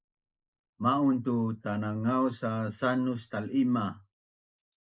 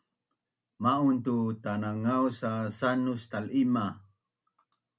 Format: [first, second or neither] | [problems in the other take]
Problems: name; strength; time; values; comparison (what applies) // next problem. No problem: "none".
second | noise reduction (neural mask model Resemble Enhance denoiser)